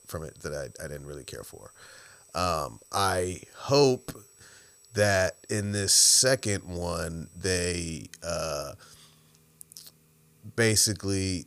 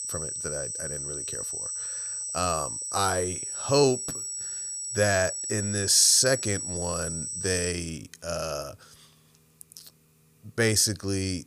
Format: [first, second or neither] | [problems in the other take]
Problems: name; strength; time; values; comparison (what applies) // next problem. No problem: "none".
first | high-pitched whine; loud; until 7.5 s; 8 kHz, 6 dB below the speech; faint in the first